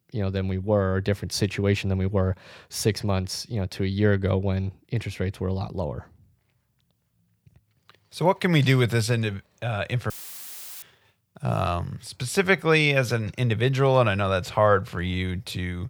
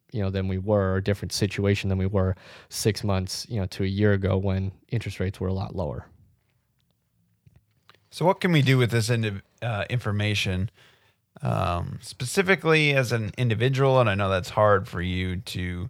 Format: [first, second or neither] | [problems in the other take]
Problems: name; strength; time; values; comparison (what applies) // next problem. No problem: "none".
second | audio cutting out; filled with static; at 10 s for 0.5 s